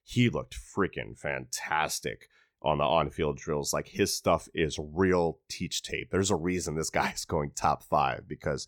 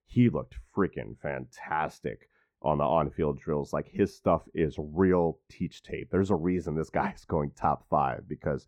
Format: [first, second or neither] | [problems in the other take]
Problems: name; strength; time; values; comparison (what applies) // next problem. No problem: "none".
first | muffled; very; fading above 2.5 kHz